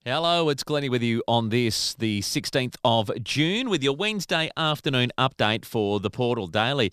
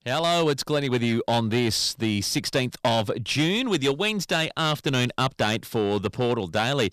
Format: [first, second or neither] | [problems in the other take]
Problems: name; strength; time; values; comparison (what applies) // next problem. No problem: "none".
first | distortion; slight; 5% of the sound clipped